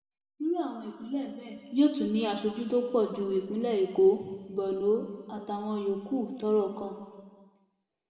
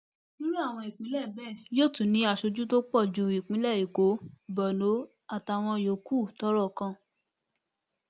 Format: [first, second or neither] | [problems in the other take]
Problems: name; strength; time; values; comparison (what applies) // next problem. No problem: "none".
second | room echo; dies away in 1.5 s